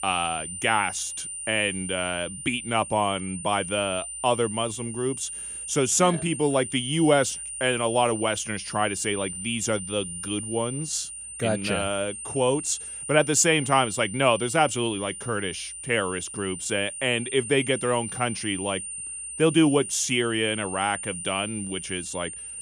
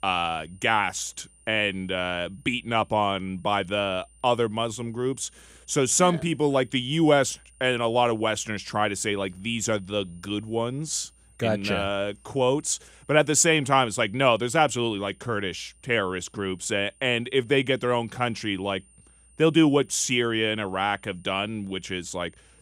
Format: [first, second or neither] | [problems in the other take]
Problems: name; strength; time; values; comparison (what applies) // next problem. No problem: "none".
second | high-pitched whine; loud; throughout; 9 kHz, 8 dB below the speech; faint in the second